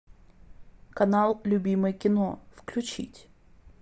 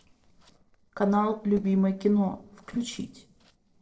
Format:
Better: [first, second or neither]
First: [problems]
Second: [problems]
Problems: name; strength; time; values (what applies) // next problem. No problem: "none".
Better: first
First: none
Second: noise reduction (neural separator model SepFormer DNS4)